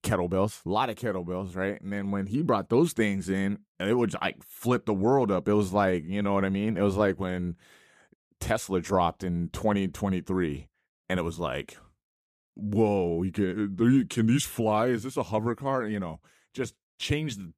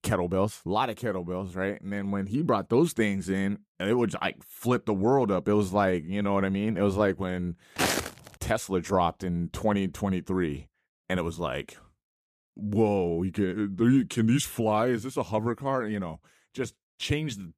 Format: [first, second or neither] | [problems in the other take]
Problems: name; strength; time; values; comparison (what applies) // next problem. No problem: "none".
first | footsteps; loud; at 8 s; peak 1 dB above the speech